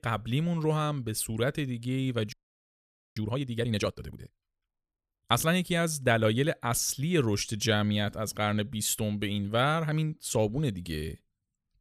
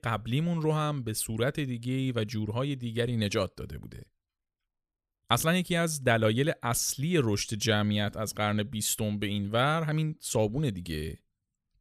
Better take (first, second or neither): second